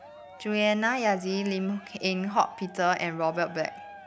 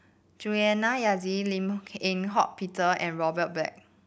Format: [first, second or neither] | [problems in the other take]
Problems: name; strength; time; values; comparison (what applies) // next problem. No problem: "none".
second | background sound (Cheering); 19 dB below the speech